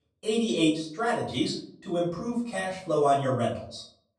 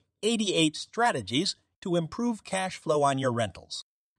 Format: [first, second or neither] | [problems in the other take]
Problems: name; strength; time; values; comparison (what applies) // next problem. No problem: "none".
second | off-mic speech; far // room echo; noticeable; dies away in 0.5 s